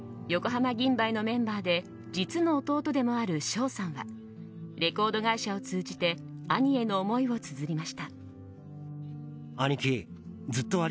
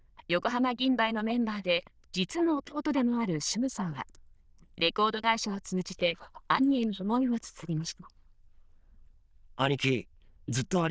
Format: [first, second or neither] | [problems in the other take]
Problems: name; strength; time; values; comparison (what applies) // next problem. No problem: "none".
first | noise reduction (neural diffusion model UNIVERSE++)